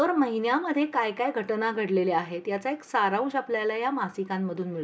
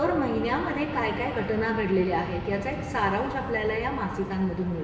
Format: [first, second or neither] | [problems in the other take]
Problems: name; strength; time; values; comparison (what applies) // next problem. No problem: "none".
first | background sound (Fixed-wing aircraft, airplane); 9 dB below the speech // room echo; dies away in 2.1 s